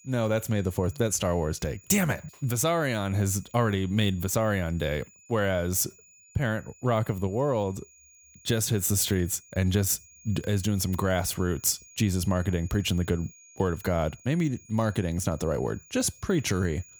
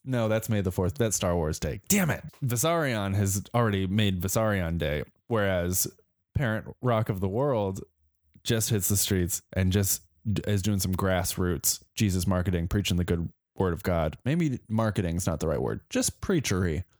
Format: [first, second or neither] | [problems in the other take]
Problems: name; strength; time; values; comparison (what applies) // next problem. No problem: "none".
second | high-pitched whine; faint; throughout; 6.5 kHz, 25 dB below the speech